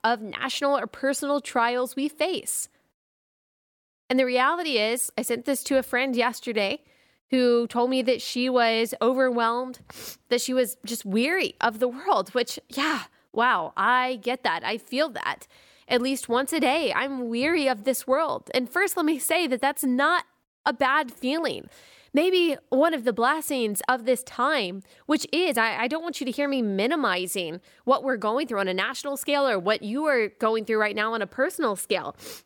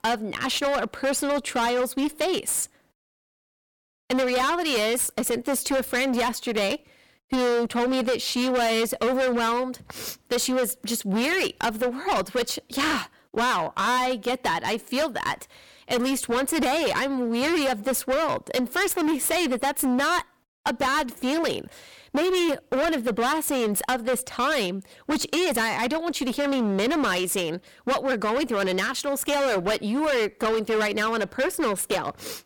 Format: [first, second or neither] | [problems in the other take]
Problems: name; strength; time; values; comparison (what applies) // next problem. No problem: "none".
first | distortion; heavy; 22% of the sound clipped